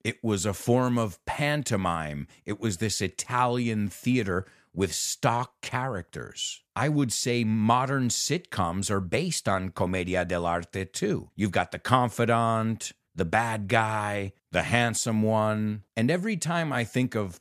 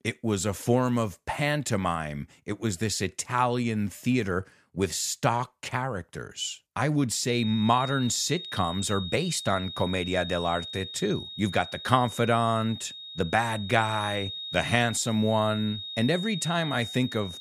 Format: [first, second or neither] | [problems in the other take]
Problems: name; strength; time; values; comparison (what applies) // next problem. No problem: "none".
first | high-pitched whine; loud; from 7.5 s on; 3.5 kHz, 9 dB below the speech